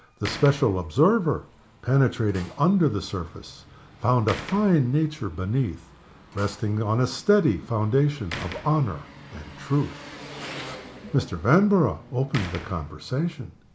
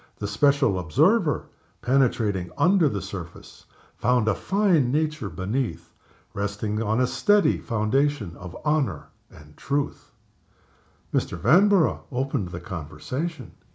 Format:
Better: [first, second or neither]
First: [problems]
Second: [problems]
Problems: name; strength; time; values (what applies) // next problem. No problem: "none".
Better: second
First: background sound (Engine + Slam); 17 dB below the speech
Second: none